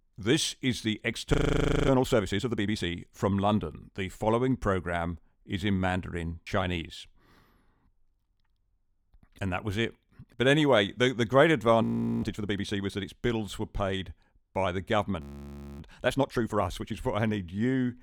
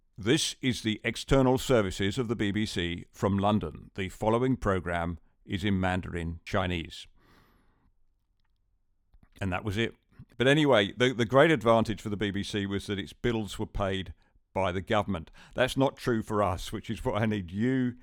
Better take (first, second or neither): second